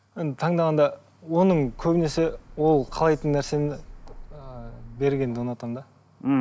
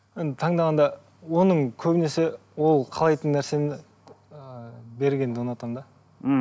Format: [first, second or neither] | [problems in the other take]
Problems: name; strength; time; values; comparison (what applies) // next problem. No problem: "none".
second | background sound (Car); 17 dB below the speech